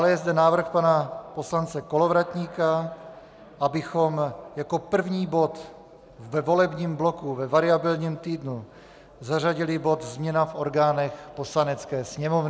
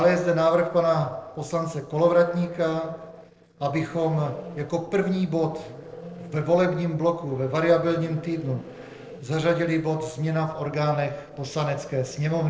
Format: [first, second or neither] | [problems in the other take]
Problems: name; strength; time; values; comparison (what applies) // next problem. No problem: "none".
first | noise reduction (neural separator model SepFormer DNS4)